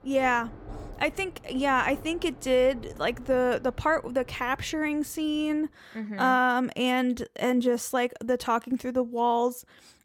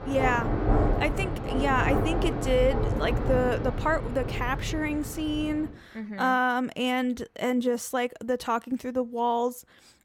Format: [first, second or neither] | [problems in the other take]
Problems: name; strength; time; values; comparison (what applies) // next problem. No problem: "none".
first | rain or running water; loud; throughout; 2 dB below the speech; faint in the first